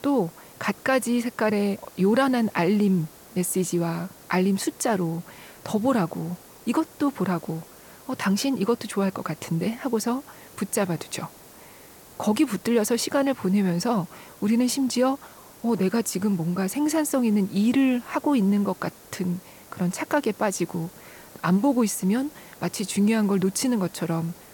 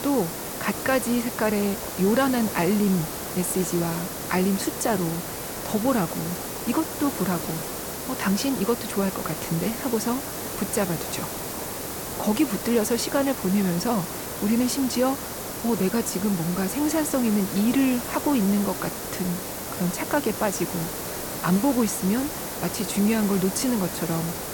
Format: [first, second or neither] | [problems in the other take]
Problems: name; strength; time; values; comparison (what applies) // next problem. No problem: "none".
first | hiss; loud; throughout; 5 dB below the speech; faint in the first